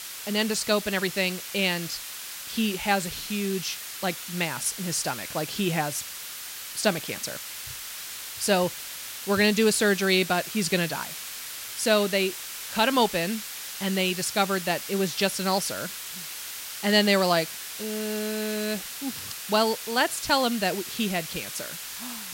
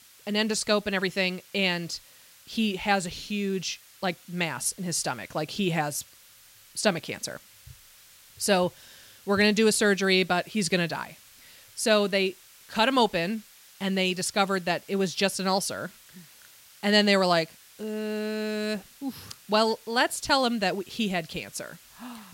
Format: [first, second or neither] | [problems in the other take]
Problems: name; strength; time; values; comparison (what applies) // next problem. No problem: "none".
second | hiss; loud; throughout; 8 dB below the speech; faint in the second